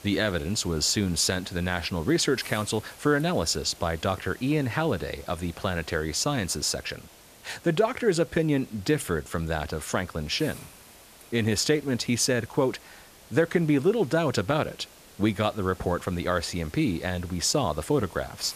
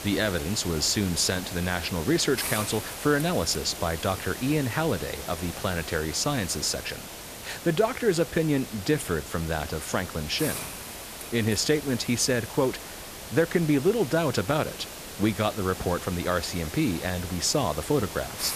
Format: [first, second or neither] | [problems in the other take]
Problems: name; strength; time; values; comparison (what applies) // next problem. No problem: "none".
first | hiss; loud; throughout; 10 dB below the speech; faint in the first